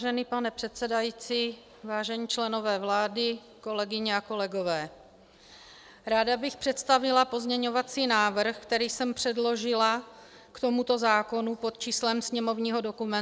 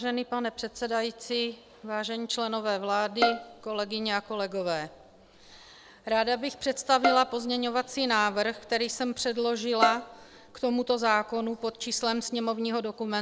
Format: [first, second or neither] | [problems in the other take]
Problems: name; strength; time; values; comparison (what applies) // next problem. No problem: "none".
first | background sound (Bowed string instrument); 6 dB below the speech